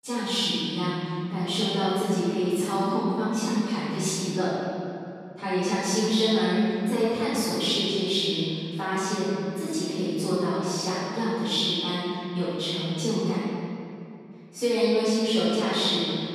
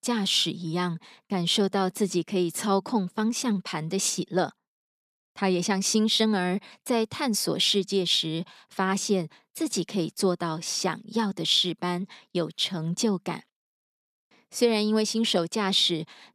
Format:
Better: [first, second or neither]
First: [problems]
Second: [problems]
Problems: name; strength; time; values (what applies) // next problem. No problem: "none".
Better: second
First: room echo; strong; dies away in 2.5 s // off-mic speech; far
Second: none